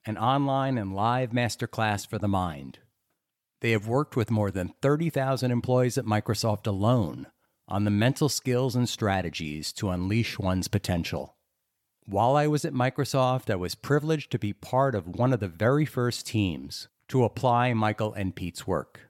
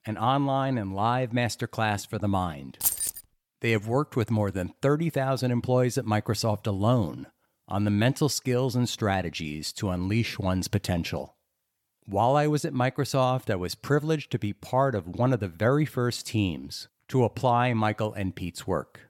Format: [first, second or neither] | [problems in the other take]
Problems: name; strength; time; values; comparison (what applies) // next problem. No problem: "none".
first | jangling keys; loud; at 3 s; peak 2 dB above the speech